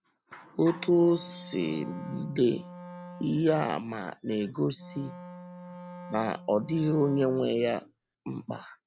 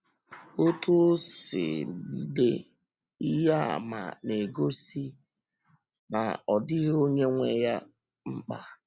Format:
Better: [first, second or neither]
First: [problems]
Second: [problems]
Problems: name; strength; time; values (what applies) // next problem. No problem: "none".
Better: second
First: background sound (Wind instrument, woodwind instrument); 16 dB below the speech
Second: none